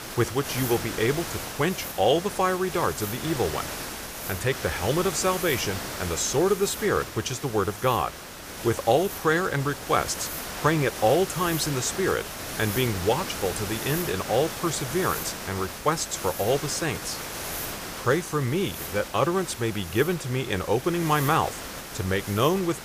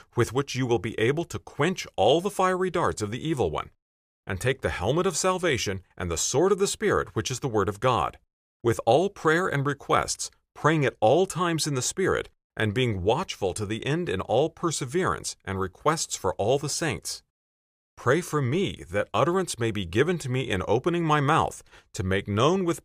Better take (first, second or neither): second